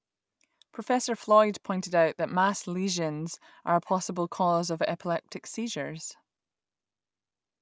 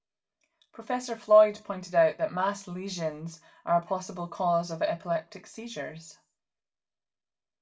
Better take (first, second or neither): first